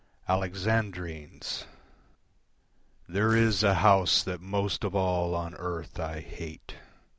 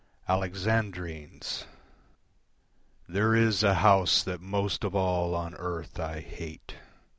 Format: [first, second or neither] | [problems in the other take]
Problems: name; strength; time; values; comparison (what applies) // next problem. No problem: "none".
second | background sound (Tearing); 13 dB below the speech